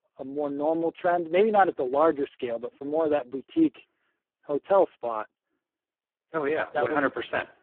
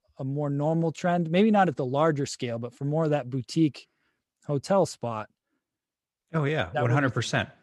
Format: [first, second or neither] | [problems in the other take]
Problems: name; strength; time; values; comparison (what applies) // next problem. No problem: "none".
second | phone-call audio; poor line